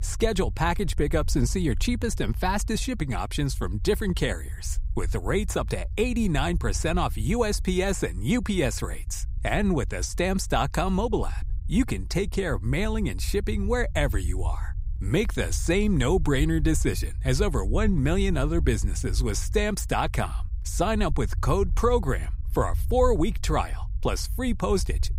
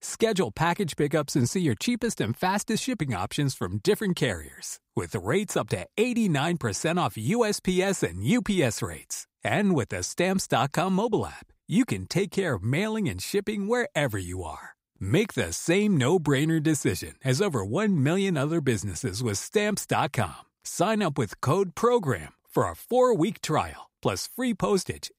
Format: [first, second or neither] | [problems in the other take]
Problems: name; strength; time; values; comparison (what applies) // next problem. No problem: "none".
second | low rumble; faint; throughout; 25 dB below the speech